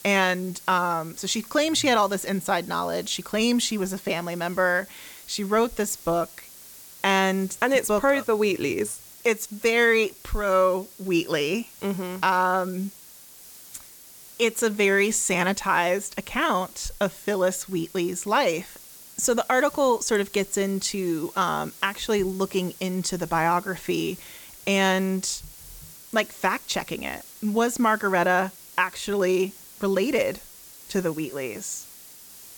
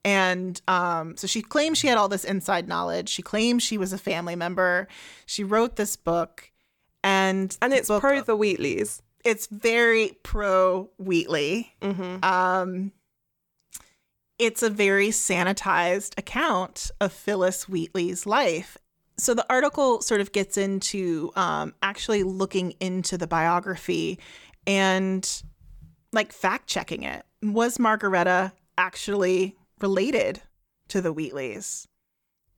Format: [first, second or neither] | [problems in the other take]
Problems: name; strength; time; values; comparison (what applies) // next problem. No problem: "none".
second | hiss; noticeable; throughout; 20 dB below the speech